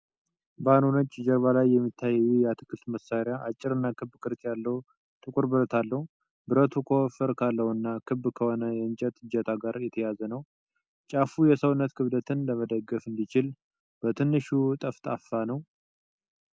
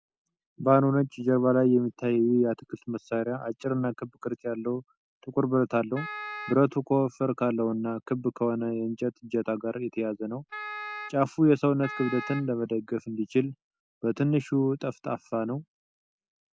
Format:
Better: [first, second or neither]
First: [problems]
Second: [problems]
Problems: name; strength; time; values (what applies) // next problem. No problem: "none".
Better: first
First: none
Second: background sound (Wind instrument, woodwind instrument); 12 dB below the speech